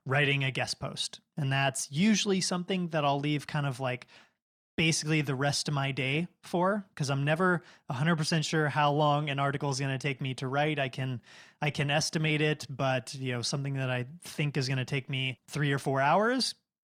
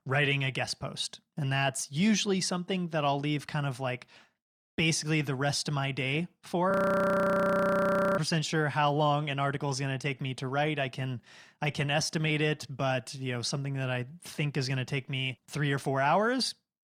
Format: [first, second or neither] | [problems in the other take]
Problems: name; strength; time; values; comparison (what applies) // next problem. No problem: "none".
first | audio freezing; at 6.5 s for 1.5 s